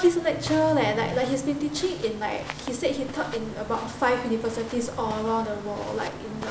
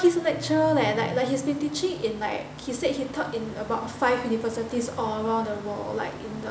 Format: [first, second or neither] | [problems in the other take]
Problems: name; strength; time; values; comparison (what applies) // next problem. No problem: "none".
second | background sound (Walk, footsteps); 16 dB below the speech